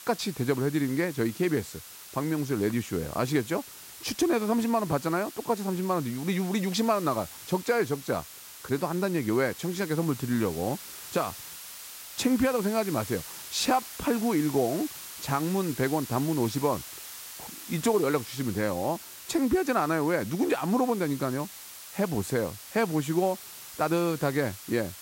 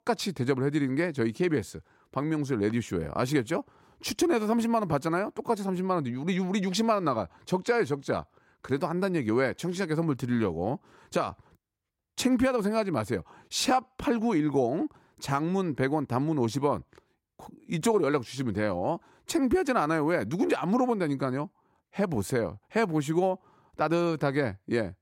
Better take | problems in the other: second | hiss; noticeable; throughout; 10 dB below the speech

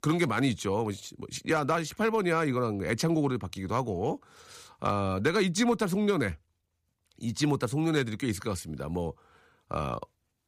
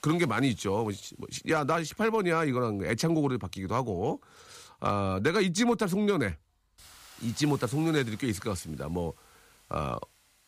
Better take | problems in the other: first | hiss; faint; throughout; 25 dB below the speech

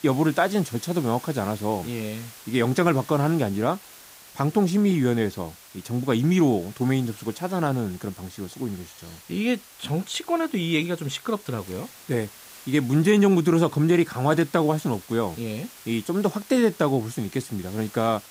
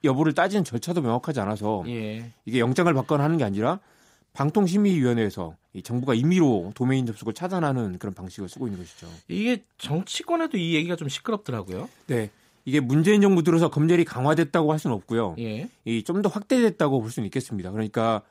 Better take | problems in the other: second | hiss; noticeable; throughout; 20 dB below the speech

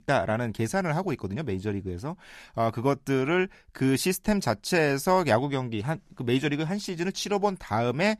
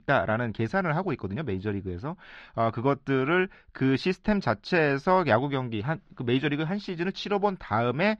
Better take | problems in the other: first | muffled; slightly; fading above 4 kHz

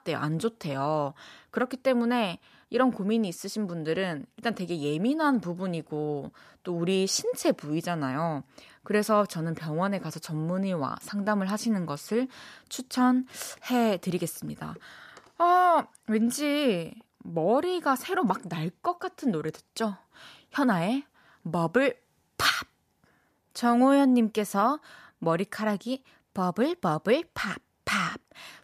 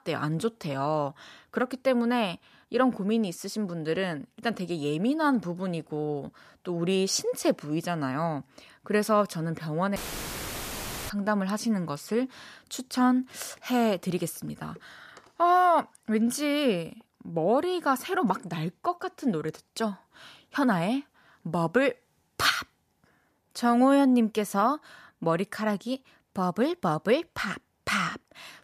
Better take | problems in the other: first | audio cutting out; filled with static; at 10 s for 1 s

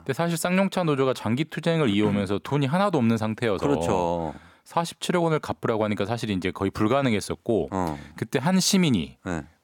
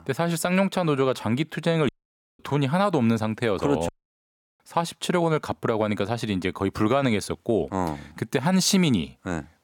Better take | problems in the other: first | audio cutting out; at 2 s for 0.5 s and at 4 s for 0.5 s

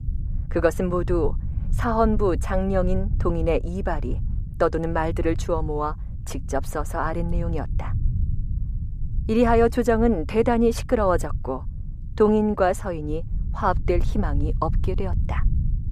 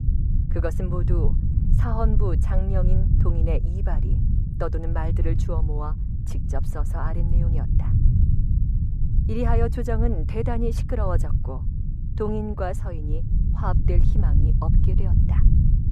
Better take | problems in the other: first | low rumble; loud; throughout; 6 dB below the speech; faint in the first

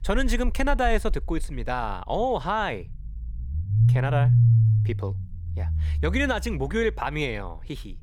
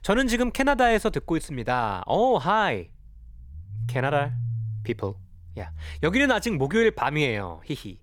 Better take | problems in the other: second | low rumble; loud; throughout; 8 dB below the speech; faint in the second

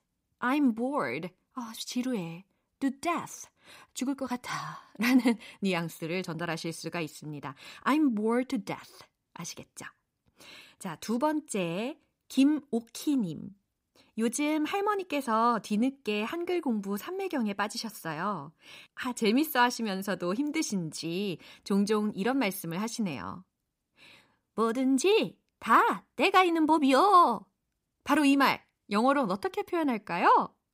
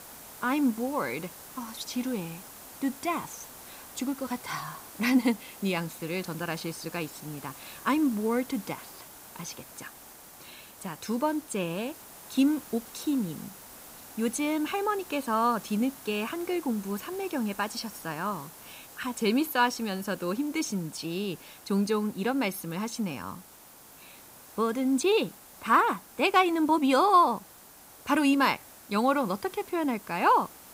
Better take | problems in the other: first | hiss; noticeable; throughout; 15 dB below the speech

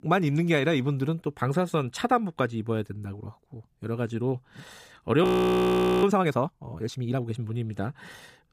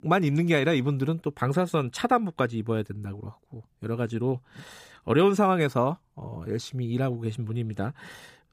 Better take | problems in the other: second | audio freezing; at 5 s for 1 s

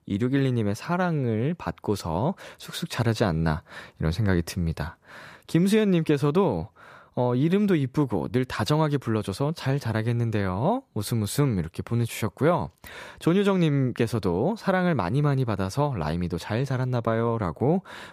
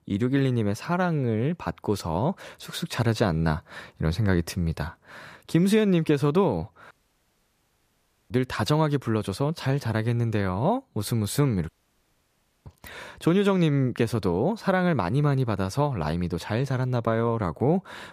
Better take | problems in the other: first | audio cutting out; at 7 s for 1.5 s and at 12 s for 1 s

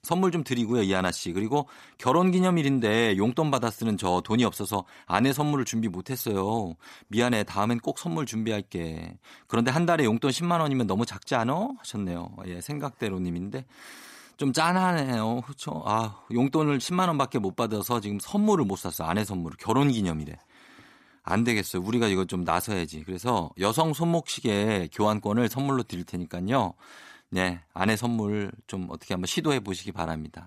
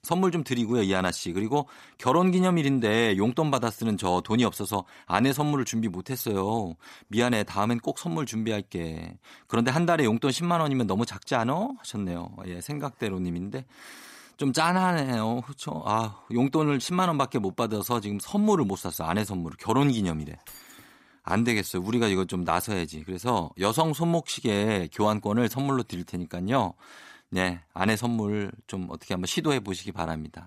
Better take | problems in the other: first | jangling keys; faint; at 20 s; peak 20 dB below the speech

